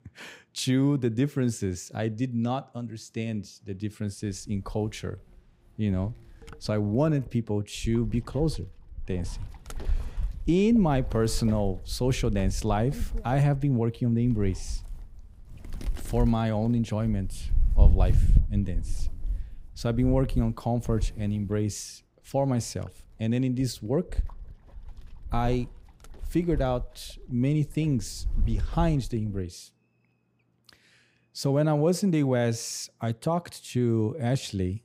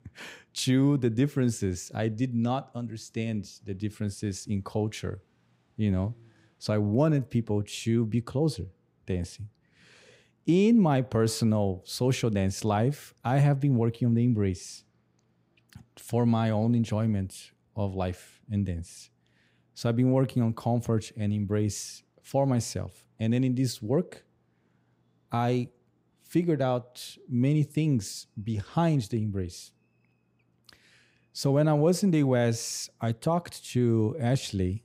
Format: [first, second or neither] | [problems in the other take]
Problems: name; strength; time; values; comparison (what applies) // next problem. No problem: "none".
second | wind noise on the microphone; occasional gusts; from 4.5 to 29 s; 20 dB below the speech